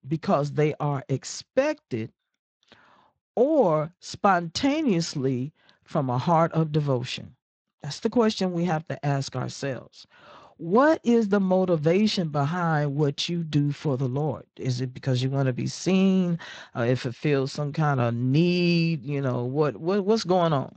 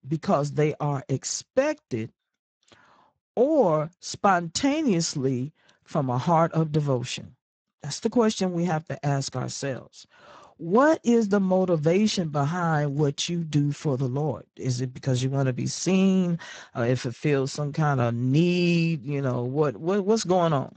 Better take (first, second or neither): first